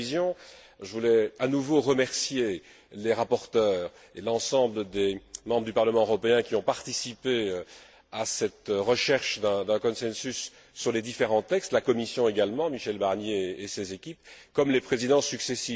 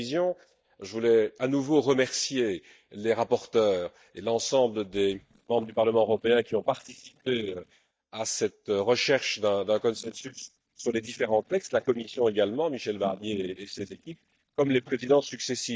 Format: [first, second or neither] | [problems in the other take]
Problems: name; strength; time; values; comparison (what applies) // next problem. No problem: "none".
first | noise reduction (neural mask model DeepFilterNet 3)